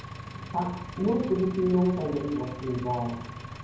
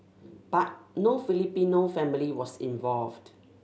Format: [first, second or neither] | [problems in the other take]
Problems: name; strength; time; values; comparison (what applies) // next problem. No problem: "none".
second | background sound (Engine); 11 dB below the speech // room echo; dies away in 0.9 s